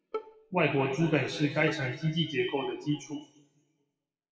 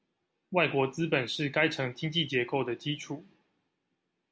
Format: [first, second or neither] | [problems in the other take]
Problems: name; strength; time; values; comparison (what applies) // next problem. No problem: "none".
second | noise reduction (classical method WPE with log-MMSE)